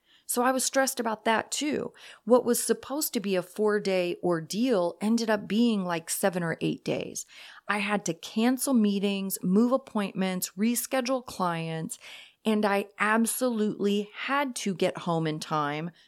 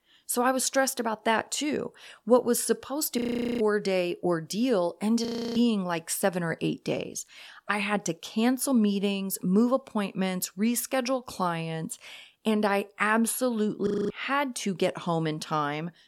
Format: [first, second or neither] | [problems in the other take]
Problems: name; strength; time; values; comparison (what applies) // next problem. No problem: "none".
first | audio freezing; at 3 s, at 5.5 s and at 14 s